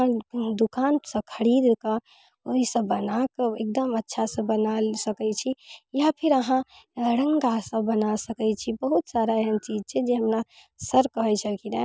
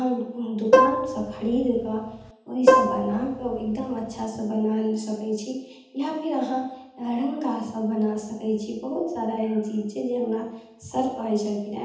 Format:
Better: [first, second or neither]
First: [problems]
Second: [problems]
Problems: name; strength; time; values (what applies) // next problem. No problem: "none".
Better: first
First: none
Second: background sound (Plucked string instrument); 4 dB above the speech // room echo; dies away in 0.8 s